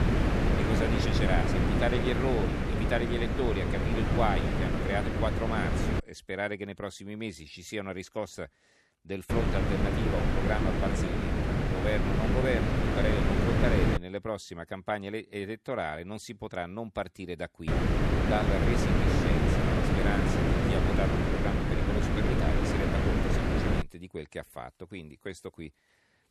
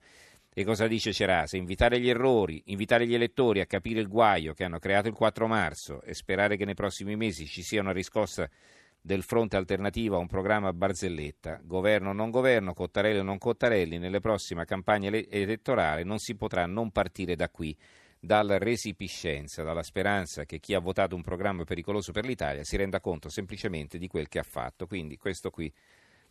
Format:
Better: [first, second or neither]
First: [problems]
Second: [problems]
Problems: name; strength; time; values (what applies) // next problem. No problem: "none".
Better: second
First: wind noise on the microphone; heavy; until 6 s, from 9.5 to 14 s and from 18 to 24 s; 2 dB above the speech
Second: none